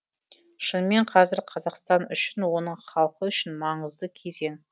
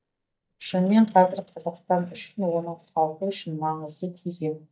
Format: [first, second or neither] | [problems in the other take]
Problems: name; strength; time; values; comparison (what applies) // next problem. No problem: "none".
first | noise reduction (neural mask model DeepFilterNet 3)